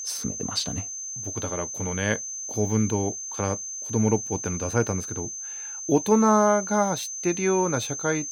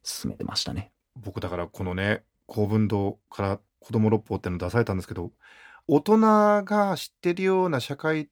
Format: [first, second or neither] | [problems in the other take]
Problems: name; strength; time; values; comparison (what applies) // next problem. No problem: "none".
second | high-pitched whine; loud; throughout; 6.5 kHz, 6 dB below the speech